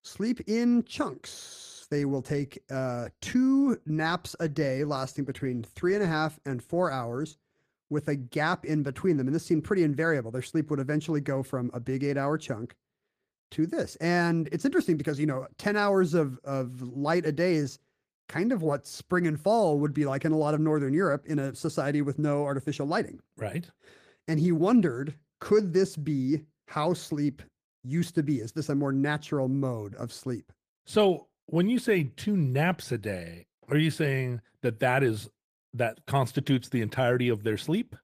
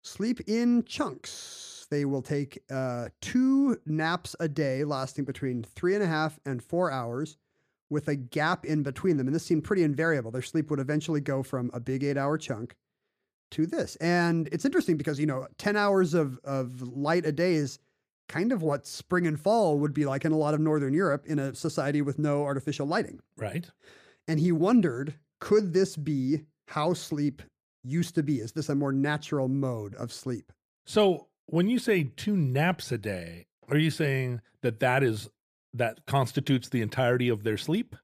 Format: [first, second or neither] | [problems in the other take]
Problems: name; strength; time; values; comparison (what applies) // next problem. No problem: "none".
second | garbled, watery; slightly; nothing above 14.5 kHz